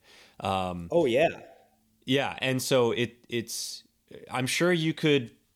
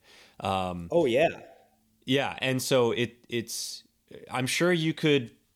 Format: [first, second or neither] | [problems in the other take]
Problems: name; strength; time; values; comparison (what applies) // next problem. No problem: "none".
neither | none